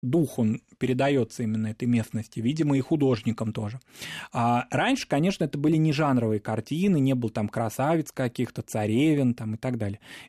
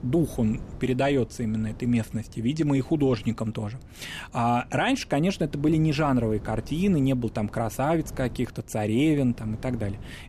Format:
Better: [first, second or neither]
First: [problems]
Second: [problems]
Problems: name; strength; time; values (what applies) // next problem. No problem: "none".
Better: first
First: none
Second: wind noise on the microphone; occasional gusts; 25 dB below the speech